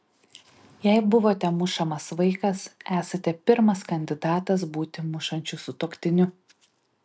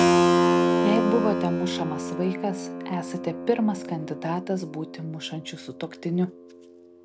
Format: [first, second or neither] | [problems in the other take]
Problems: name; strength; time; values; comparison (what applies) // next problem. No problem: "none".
first | background sound (Keyboard (musical)); 3 dB above the speech